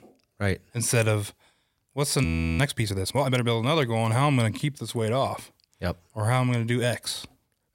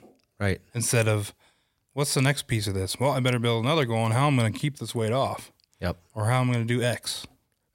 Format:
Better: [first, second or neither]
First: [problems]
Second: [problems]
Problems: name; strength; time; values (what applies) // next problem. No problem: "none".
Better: second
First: audio freezing; at 2 s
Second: none